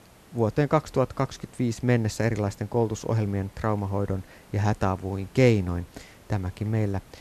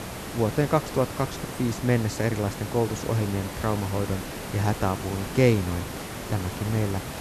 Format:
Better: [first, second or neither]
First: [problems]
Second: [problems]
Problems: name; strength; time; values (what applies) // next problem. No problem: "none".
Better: first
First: hiss; faint; throughout; 25 dB below the speech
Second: hiss; loud; throughout; 8 dB below the speech